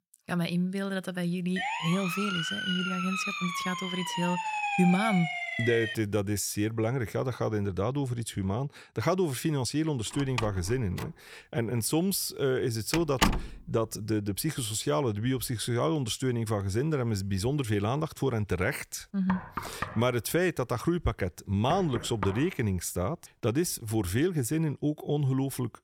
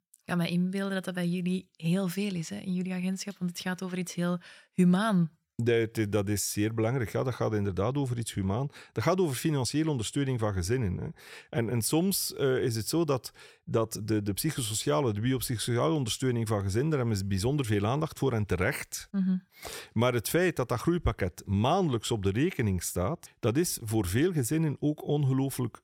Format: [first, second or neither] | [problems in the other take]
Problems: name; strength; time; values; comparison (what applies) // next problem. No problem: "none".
second | siren; loud; from 1.5 to 6 s; peak level with the speech // door banging; loud; from 10 to 13 s; peak 3 dB above the speech // door banging; noticeable; from 19 to 22 s; peak 7 dB below the speech